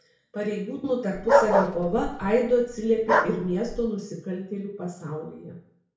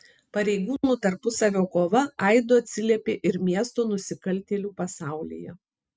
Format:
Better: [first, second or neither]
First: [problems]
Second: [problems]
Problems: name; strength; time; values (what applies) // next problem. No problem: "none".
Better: second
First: background sound (Bark); 2 dB above the speech // room echo; dies away in 0.6 s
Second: none